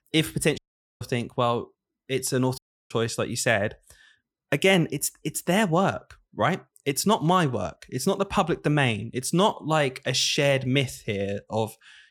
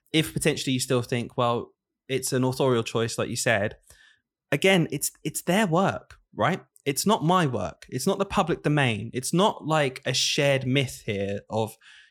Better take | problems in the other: second | audio cutting out; at 0.5 s and at 2.5 s

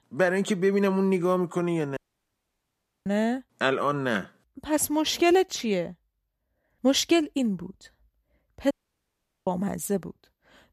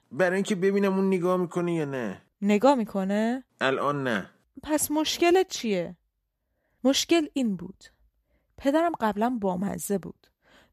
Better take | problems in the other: second | audio cutting out; at 2 s for 1 s and at 8.5 s for 1 s

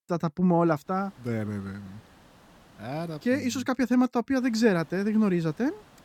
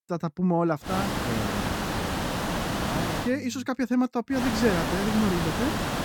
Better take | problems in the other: first | hiss; loud; from 1 to 3.5 s and from 4.5 s on; 1 dB below the speech; faint in the first

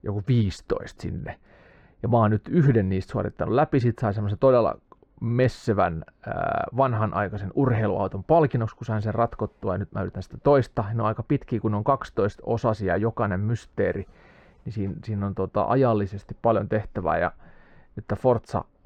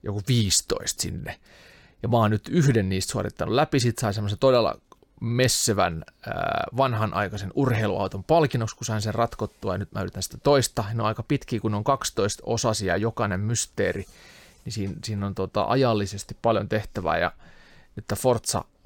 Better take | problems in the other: second | muffled; very; fading above 4 kHz

